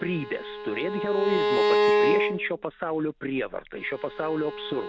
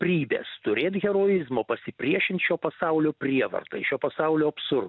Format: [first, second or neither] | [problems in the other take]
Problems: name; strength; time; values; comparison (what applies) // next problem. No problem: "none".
second | background sound (Bowed string instrument); 3 dB above the speech